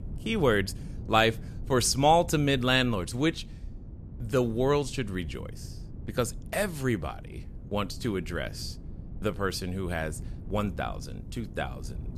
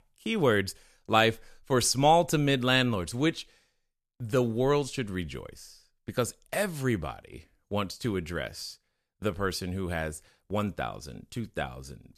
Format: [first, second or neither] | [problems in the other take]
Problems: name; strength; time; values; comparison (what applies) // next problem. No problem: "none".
second | wind noise on the microphone; occasional gusts; 25 dB below the speech